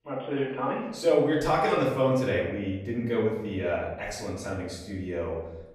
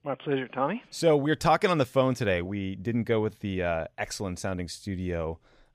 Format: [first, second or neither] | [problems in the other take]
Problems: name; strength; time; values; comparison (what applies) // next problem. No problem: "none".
second | off-mic speech; far // room echo; noticeable; dies away in 0.8 s